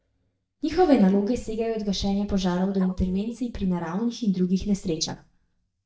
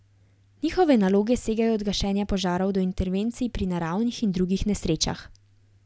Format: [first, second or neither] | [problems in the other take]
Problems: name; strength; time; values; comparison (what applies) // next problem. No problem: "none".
second | noise reduction (neural mask model DeepFilterNet 3)